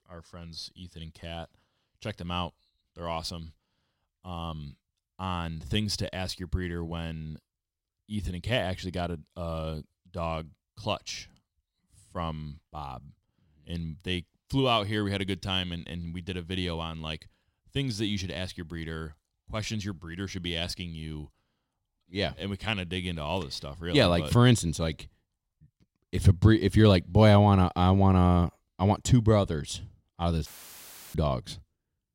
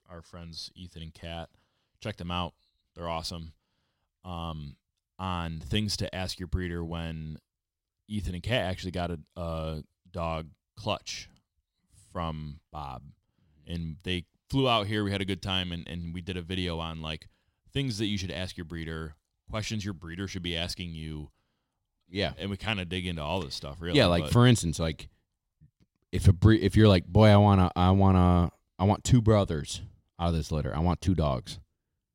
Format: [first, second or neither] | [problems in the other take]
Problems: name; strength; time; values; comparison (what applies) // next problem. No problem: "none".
second | audio cutting out; filled with static; at 30 s for 0.5 s